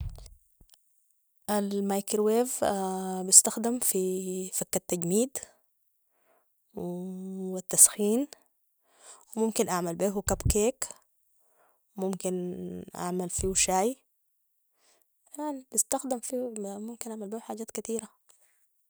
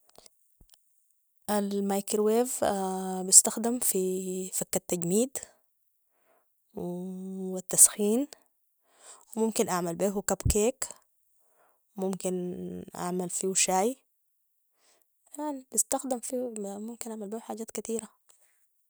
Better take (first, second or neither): second